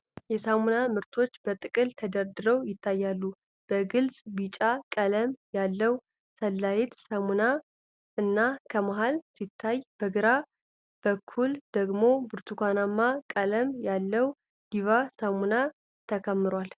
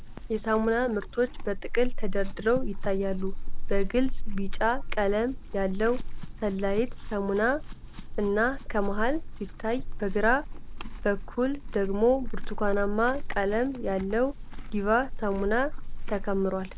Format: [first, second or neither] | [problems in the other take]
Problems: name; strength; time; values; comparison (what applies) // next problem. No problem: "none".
first | background sound (Chewing, mastication / Livestock, farm animals, working animals); 1 dB below the speech